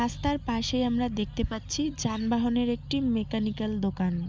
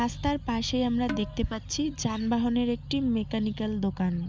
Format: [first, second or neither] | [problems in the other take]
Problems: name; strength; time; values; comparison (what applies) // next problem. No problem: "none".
first | background sound (Percussion); 11 dB below the speech